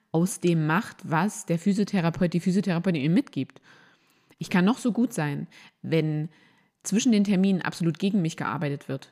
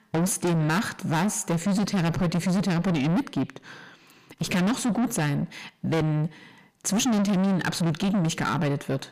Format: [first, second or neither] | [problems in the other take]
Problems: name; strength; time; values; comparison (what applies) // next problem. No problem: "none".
first | distortion; heavy; 6 dB below the speech